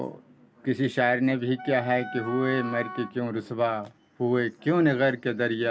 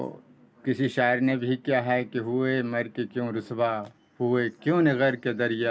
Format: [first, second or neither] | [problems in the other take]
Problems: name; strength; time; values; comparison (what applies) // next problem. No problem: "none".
second | background sound (Wind instrument, woodwind instrument); 12 dB below the speech